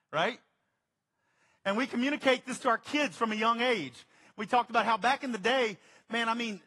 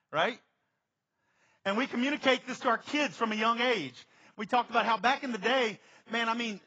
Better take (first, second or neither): first